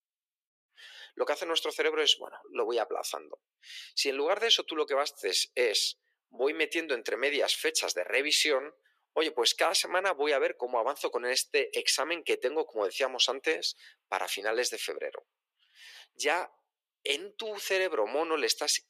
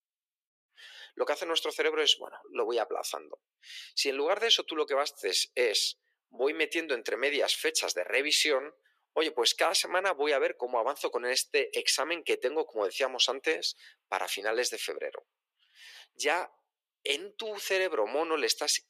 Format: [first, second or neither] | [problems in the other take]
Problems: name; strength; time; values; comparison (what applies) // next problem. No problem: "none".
neither | thin; very; fading below 350 Hz; the same in both